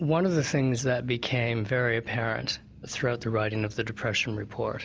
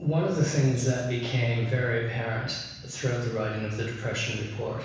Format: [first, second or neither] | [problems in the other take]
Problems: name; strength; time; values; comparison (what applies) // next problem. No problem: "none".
first | room echo; dies away in 1.1 s